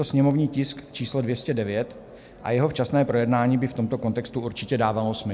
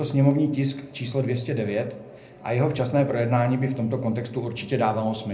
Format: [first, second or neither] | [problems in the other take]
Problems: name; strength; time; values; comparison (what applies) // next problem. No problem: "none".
first | room echo; dies away in 0.4 s